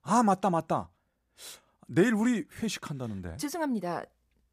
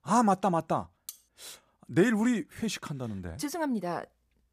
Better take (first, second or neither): first